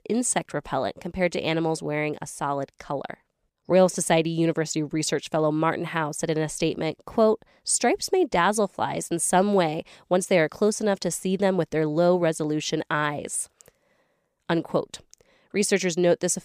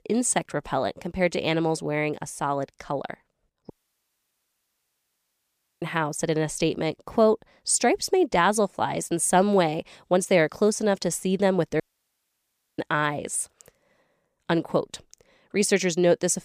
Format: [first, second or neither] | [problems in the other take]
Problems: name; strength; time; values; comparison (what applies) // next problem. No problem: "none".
first | audio cutting out; at 3.5 s for 2 s and at 12 s for 1 s